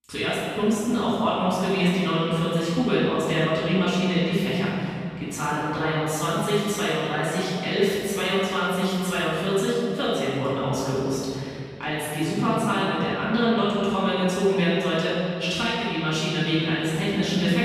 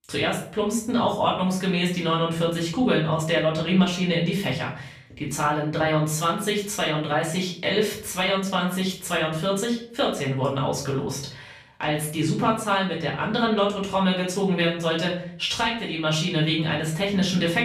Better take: second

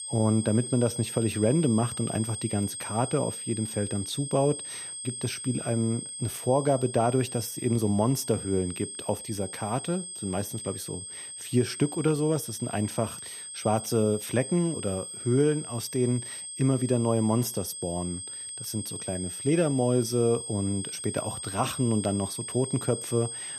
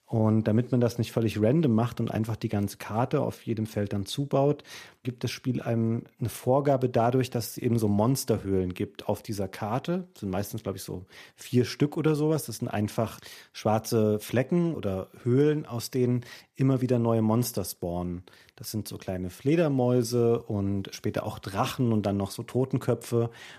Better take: second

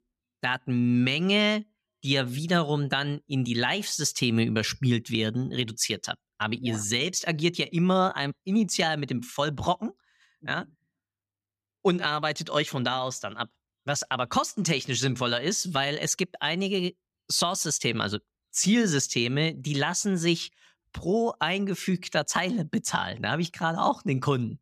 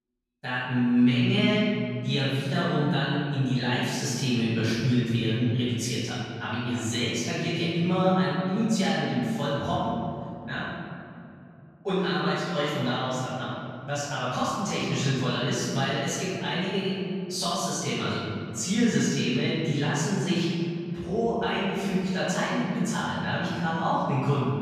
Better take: first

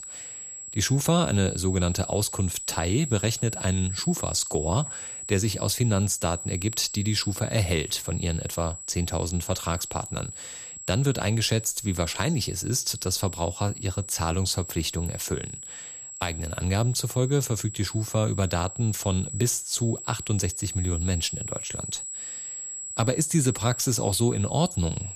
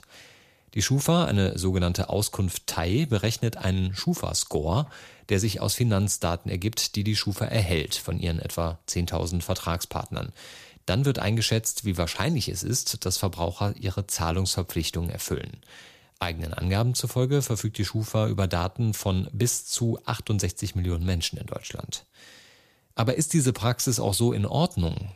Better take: second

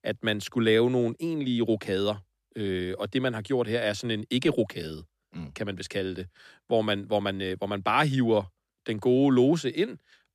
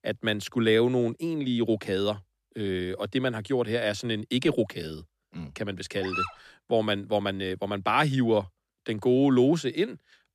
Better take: first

